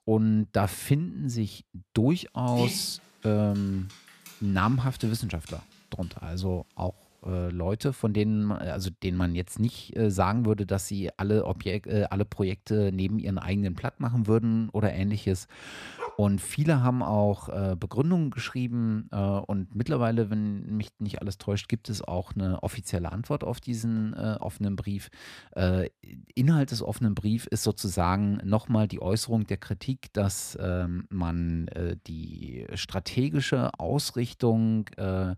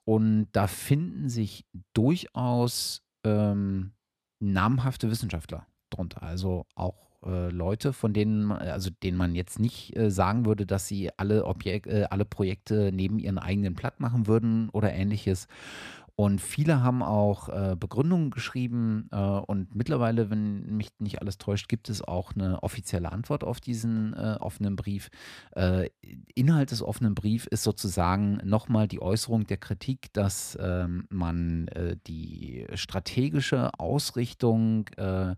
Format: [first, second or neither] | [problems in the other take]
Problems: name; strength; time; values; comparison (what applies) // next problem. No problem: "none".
second | dog barking; noticeable; from 2.5 to 5.5 s; peak 5 dB below the speech // dog barking; faint; at 16 s; peak 10 dB below the speech